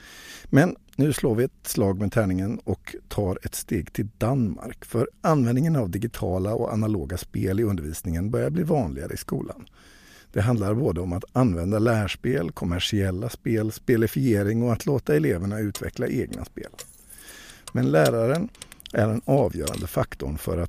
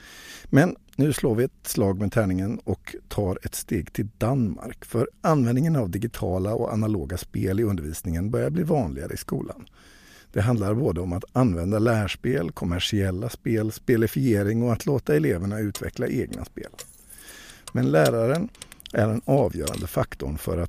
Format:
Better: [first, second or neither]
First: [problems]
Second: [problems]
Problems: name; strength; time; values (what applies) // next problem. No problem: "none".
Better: neither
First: jangling keys; faint; from 16 to 20 s; peak 10 dB below the speech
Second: jangling keys; faint; from 16 to 20 s; peak 10 dB below the speech